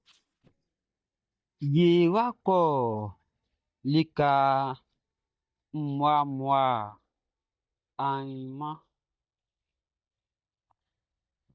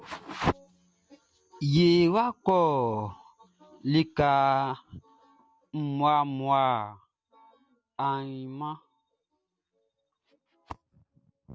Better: second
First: noise reduction (neural mask model DeepFilterNet 3)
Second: none

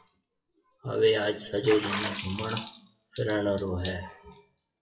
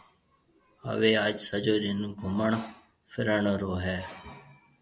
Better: second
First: noise reduction (classical method WPE with log-MMSE)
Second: none

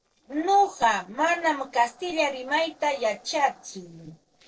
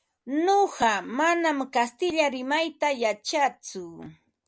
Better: second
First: noise reduction (neural separator model SepFormer DNS4)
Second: none

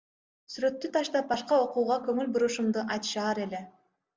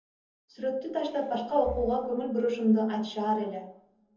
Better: first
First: none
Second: background sound (Breathing); 18 dB below the speech // room echo; dies away in 0.7 s

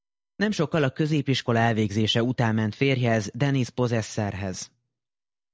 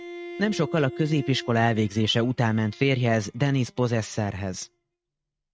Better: first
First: none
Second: noise reduction (neural mask model RNNoise)

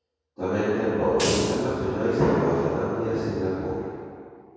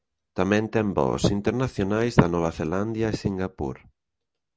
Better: second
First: background sound (Hi-hat); 11 dB below the speech // room echo; dies away in 2.2 s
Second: none

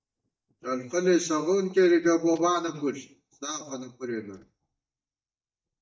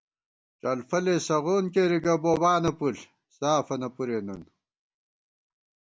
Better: second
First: noise reduction (neural mask model DeepFilterNet 3)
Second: none

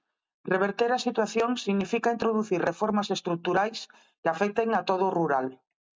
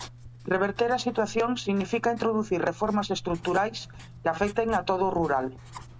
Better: first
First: none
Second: background sound (Writing); 17 dB below the speech

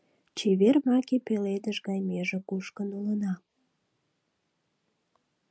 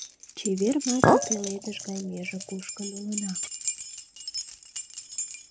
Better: first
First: none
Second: background sound (Keys jangling + Chink, clink); 3 dB above the speech

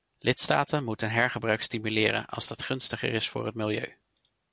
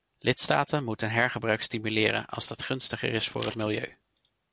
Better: first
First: none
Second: background sound (Scissors); 13 dB below the speech

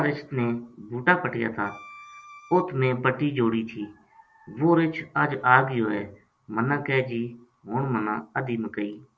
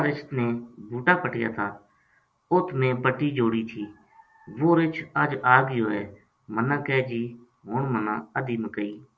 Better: second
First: background sound (Bowed string instrument); 19 dB below the speech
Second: none

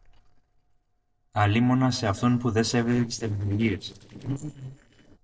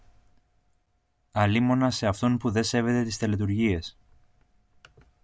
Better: second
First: noise reduction (neural separator model SepFormer DNS4)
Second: none

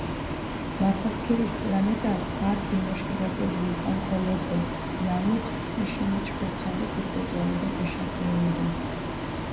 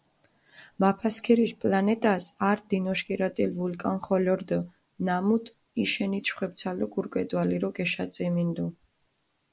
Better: second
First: background sound (Bus); 2 dB below the speech // room echo; dies away in 0.8 s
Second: none

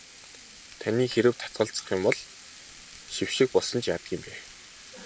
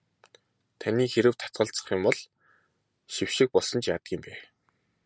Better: second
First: background sound (Frying (food)); 18 dB below the speech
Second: none

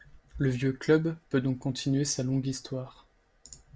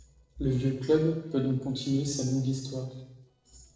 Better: first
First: none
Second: noise reduction (neural separator model SepFormer DNS4)

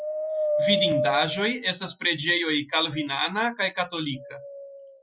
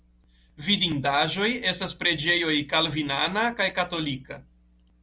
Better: second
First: noise reduction (classical method Wiener filter)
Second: none

